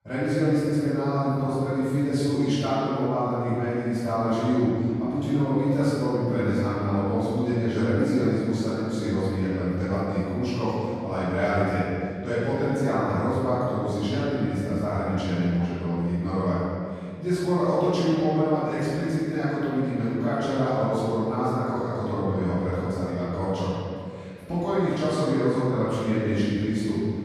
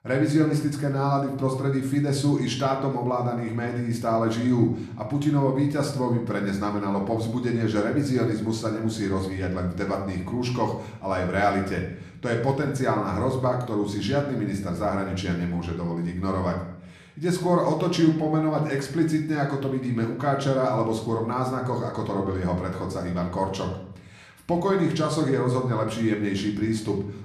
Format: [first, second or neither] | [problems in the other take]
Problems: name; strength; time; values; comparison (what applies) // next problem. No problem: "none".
second | room echo; strong; dies away in 2.2 s; slight in the second // off-mic speech; far; somewhat distant in the second